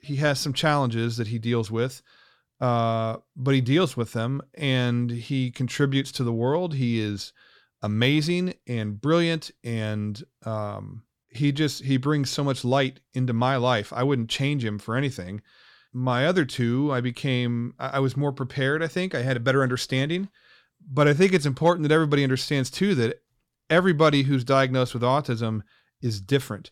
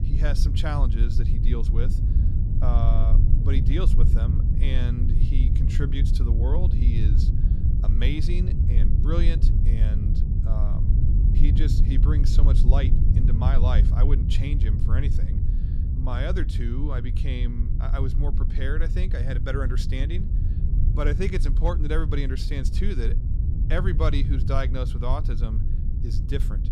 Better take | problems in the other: first | low rumble; loud; throughout; 5 dB below the speech

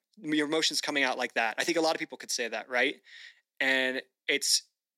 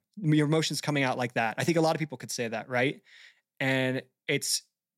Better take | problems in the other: second | thin; somewhat; fading below 250 Hz

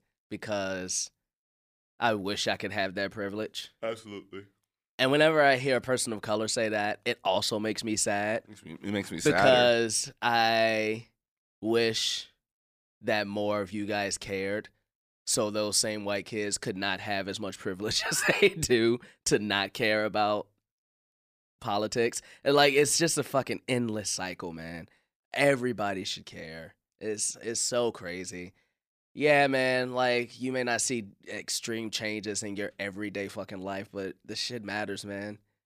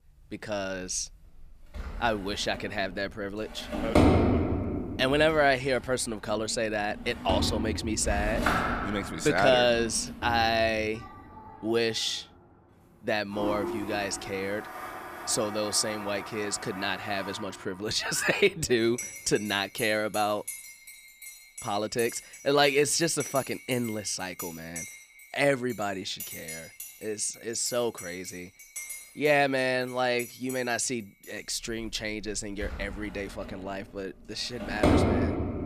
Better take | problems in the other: first | household noises; loud; throughout; 5 dB below the speech

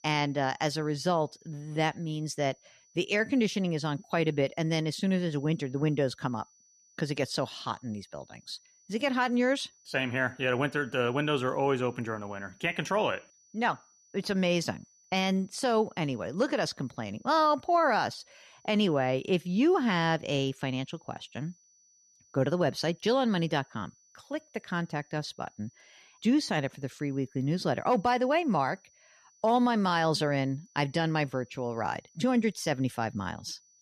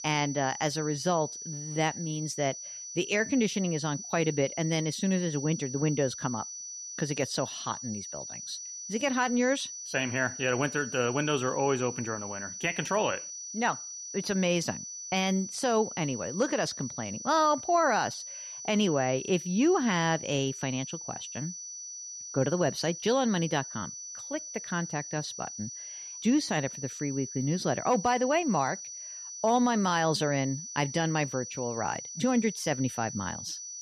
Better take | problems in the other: first | high-pitched whine; loud; throughout; 6 kHz, 9 dB below the speech; faint in the first

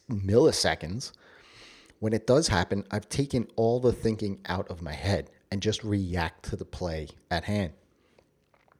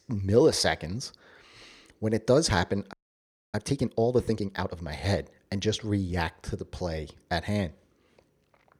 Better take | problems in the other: first | audio freezing; at 3 s for 0.5 s

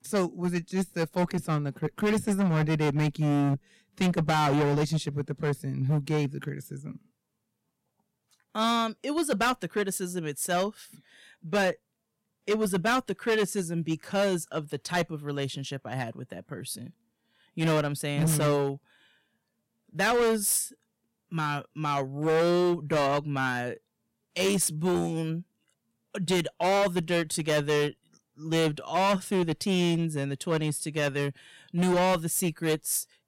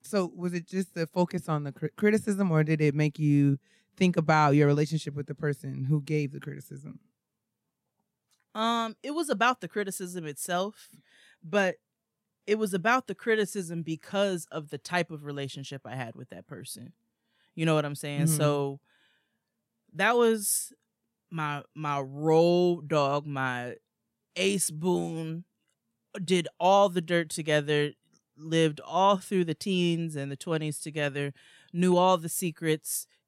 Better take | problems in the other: second | distortion; heavy; 11% of the sound clipped

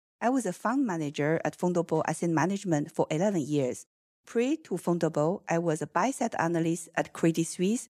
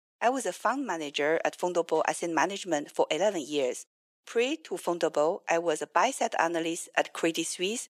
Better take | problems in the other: first | thin; somewhat; fading below 500 Hz

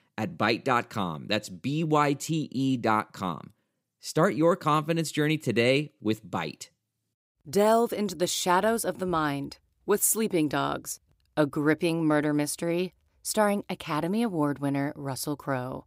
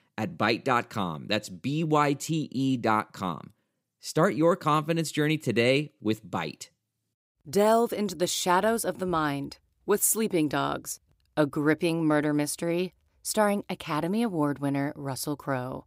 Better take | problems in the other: neither | none

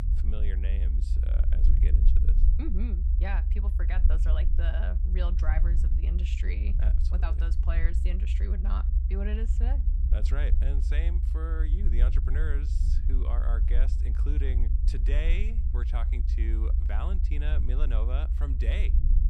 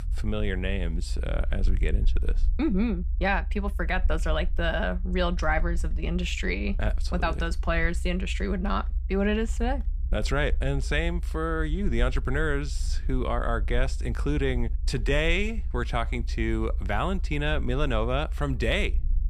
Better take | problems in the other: second | low rumble; loud; throughout; 5 dB below the speech; faint in the second

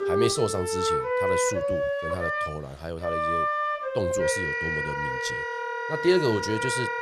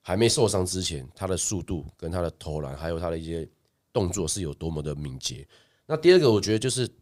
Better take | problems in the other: second | background music; very loud; throughout; 3 dB above the speech

